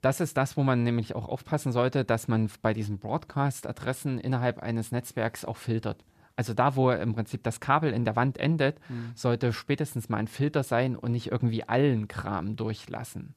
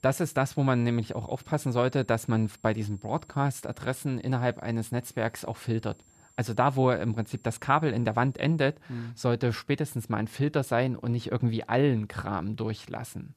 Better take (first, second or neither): first